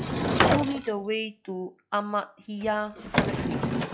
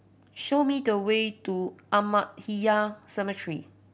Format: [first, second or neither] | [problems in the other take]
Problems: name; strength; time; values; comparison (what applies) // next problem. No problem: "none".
second | noise reduction (classical method log-MMSE)